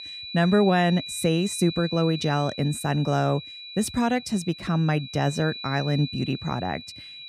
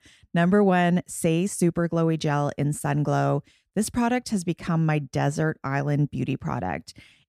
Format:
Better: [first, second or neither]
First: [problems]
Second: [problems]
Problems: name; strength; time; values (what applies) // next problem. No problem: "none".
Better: second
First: high-pitched whine; noticeable; throughout; 4 kHz, 10 dB below the speech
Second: none